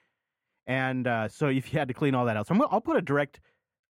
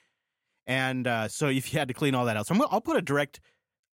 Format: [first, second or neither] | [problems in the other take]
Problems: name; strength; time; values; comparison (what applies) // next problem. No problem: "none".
second | muffled; slightly; fading above 3 kHz